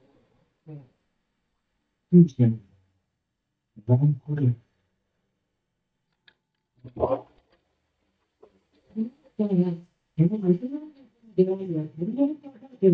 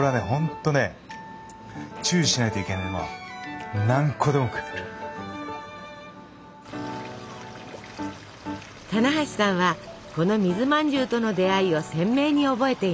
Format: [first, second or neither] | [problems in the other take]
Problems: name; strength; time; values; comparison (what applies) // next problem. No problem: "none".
second | noise reduction (neural mask model DeepFilterNet 3)